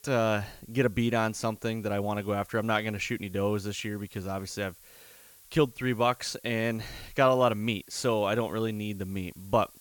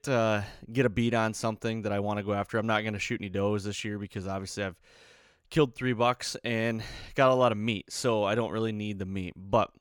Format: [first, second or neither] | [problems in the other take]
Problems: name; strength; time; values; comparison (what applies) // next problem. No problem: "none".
second | hiss; faint; throughout; 25 dB below the speech